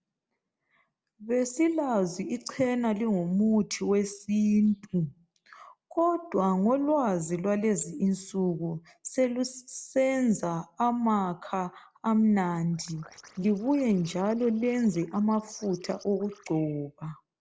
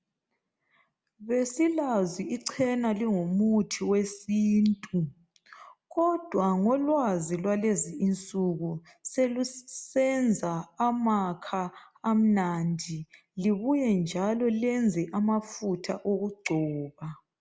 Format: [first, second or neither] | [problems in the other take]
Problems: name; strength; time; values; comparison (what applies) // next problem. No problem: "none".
second | noise reduction (neural separator model SepFormer DNS4)